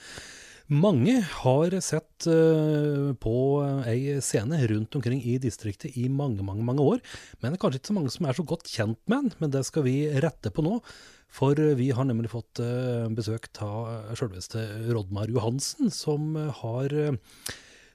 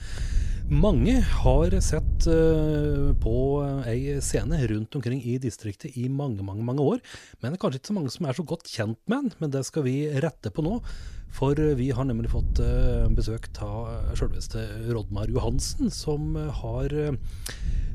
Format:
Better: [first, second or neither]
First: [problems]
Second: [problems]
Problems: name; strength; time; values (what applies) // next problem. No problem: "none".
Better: first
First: none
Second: wind noise on the microphone; occasional gusts; until 4.5 s and from 11 s on; 20 dB below the speech